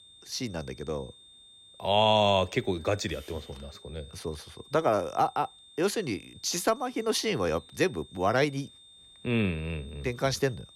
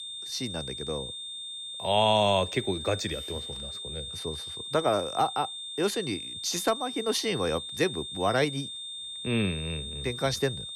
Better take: first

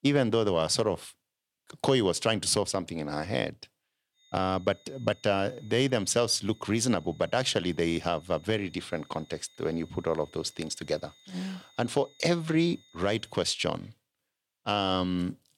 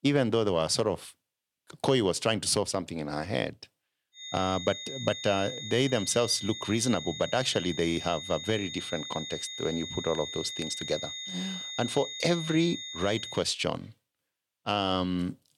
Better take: first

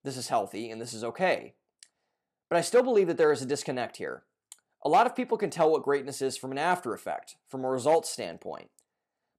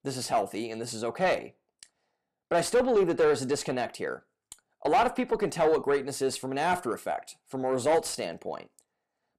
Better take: first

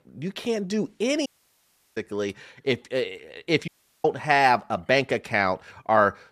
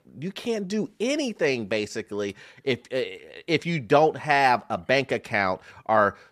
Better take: second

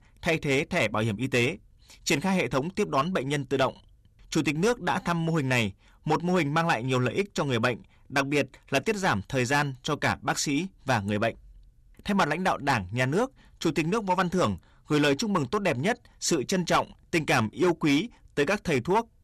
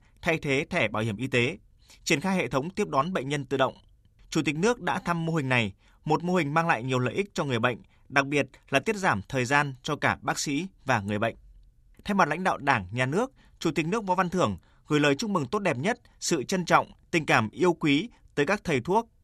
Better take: second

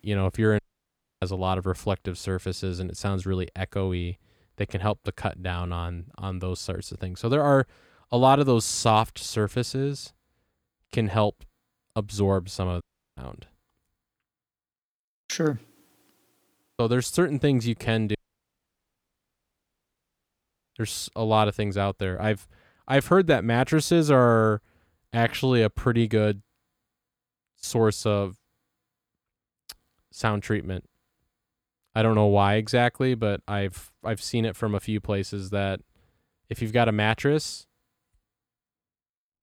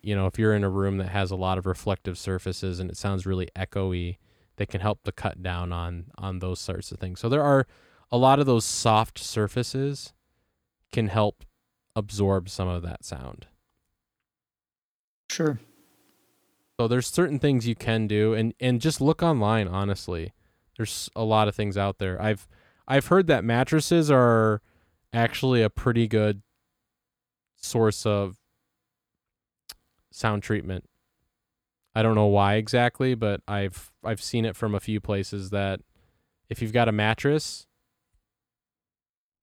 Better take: second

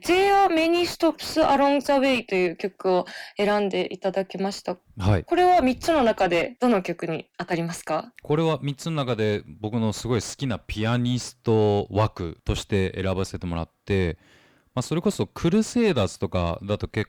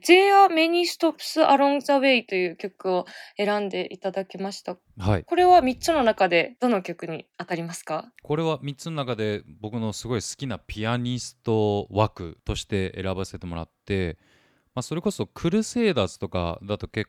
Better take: second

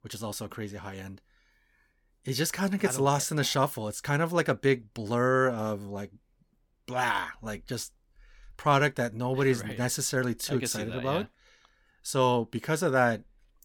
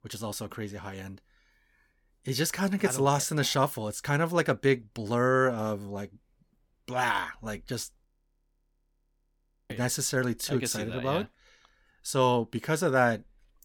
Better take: first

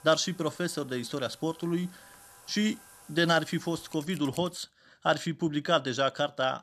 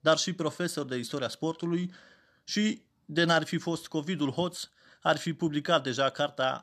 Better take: second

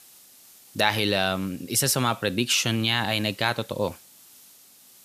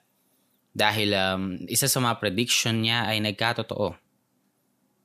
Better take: second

